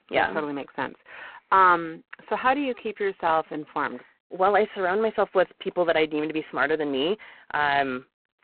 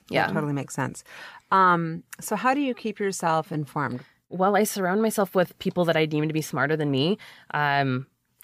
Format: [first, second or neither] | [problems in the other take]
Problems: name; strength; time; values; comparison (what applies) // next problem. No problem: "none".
second | phone-call audio; poor line; nothing above 4 kHz